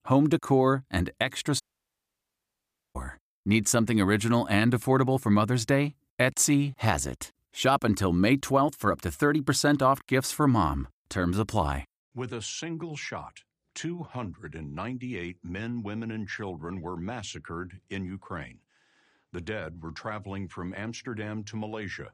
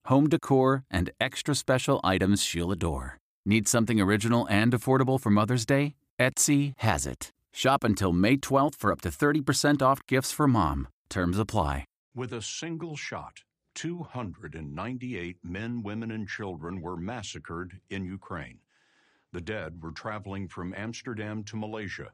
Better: second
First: audio cutting out; at 1.5 s for 1.5 s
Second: none

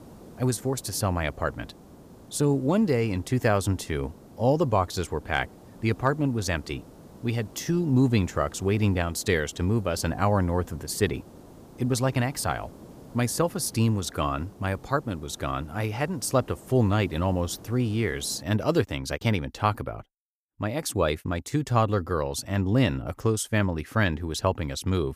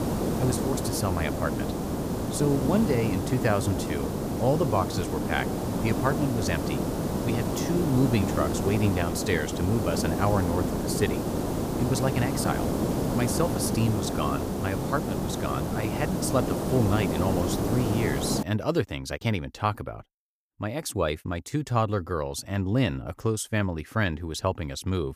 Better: first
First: hiss; faint; until 18 s; 20 dB below the speech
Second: hiss; loud; until 18 s; 1 dB below the speech

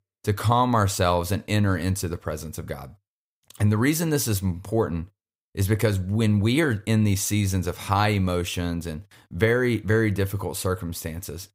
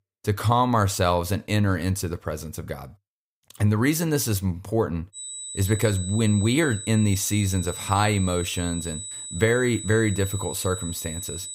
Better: first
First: none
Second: high-pitched whine; loud; from 5 s on; 8 kHz, 9 dB below the speech

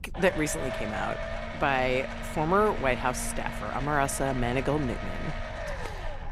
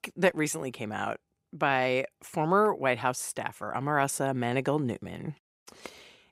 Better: second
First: low rumble; loud; throughout; 8 dB below the speech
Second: none

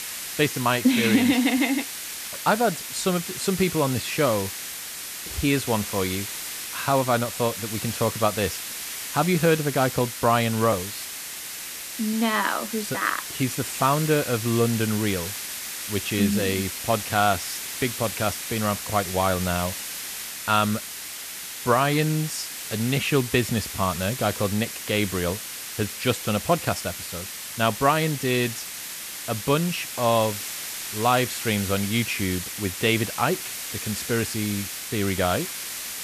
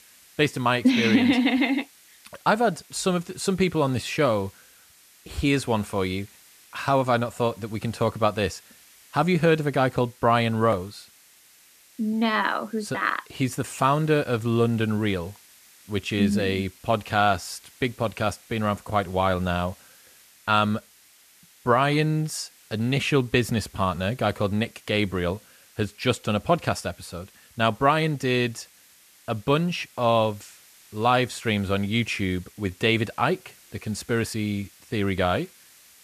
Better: second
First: hiss; loud; throughout; 6 dB below the speech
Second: hiss; faint; throughout; 25 dB below the speech

